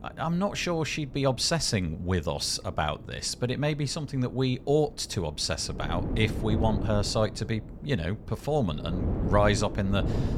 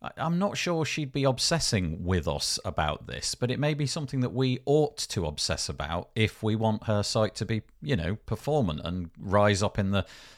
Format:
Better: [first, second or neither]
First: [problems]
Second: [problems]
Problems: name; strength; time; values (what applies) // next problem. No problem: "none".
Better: second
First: wind noise on the microphone; occasional gusts; 10 dB below the speech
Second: none